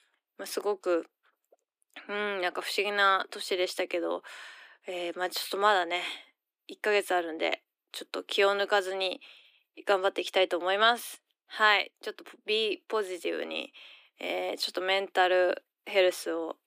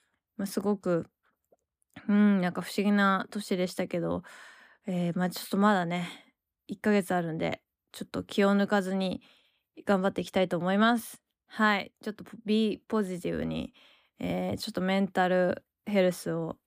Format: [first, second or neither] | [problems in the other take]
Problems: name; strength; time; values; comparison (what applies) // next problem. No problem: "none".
second | thin; very; fading below 350 Hz